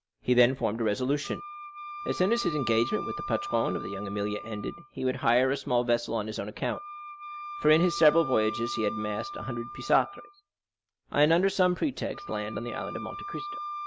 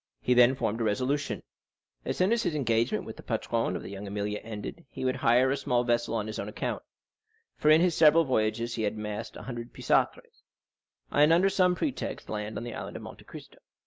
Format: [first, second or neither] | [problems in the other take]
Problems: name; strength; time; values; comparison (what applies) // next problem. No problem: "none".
second | background sound (Wind instrument, woodwind instrument); 11 dB below the speech